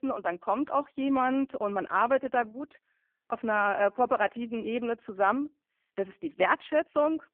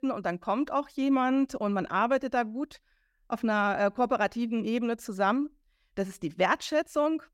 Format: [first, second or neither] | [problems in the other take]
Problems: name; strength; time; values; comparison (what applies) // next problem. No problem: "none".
second | phone-call audio; poor line